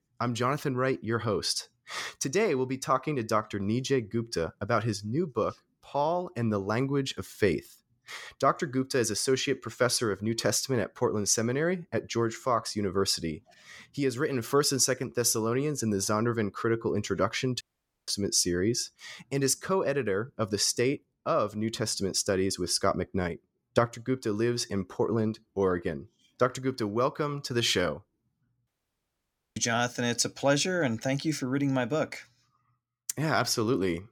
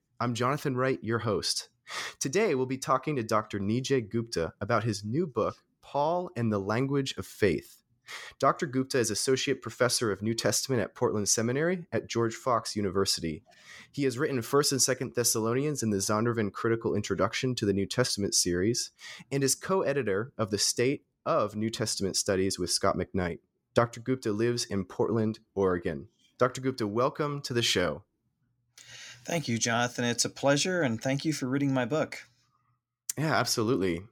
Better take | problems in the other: second | audio cutting out; at 18 s and at 29 s for 1 s

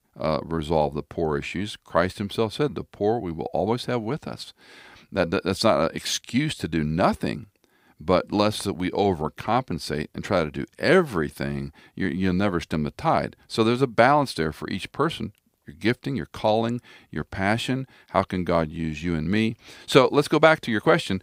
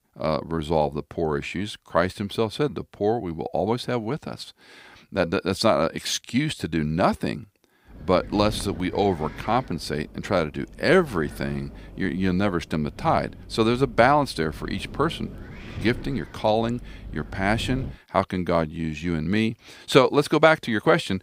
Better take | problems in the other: first | wind noise on the microphone; occasional gusts; from 8 to 18 s; 20 dB below the speech

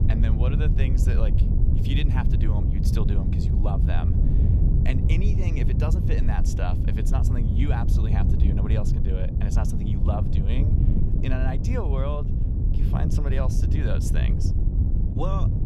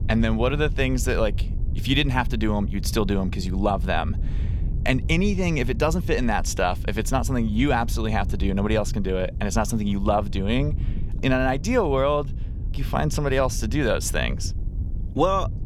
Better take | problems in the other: second | wind noise on the microphone; heavy; 1 dB below the speech; occasional gusts in the second

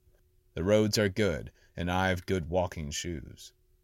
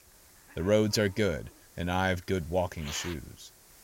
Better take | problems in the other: first | hiss; noticeable; throughout; 20 dB below the speech

